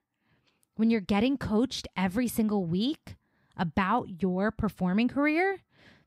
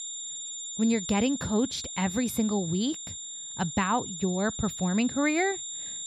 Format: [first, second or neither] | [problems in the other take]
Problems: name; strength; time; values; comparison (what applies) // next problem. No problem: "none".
first | high-pitched whine; loud; throughout; 7 kHz, 7 dB below the speech